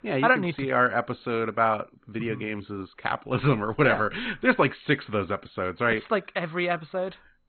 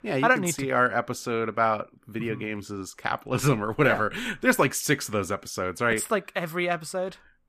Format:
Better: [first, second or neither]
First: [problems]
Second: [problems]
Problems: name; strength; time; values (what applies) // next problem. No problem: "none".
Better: second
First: garbled, watery; badly; nothing above 4 kHz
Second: none